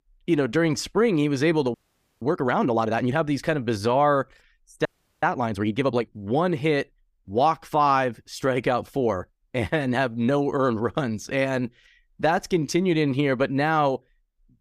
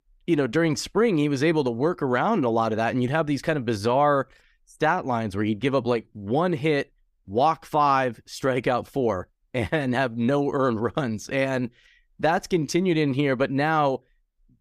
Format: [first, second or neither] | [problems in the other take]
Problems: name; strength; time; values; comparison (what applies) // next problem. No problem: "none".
second | audio freezing; at 1.5 s and at 5 s